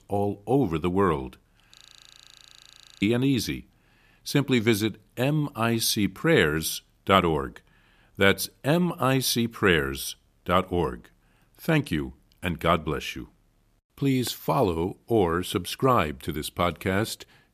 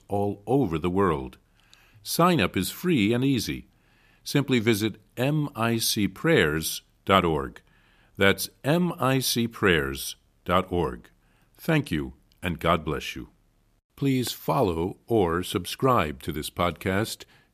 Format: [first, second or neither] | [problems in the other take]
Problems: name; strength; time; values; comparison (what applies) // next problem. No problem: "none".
second | audio freezing; at 2 s for 1.5 s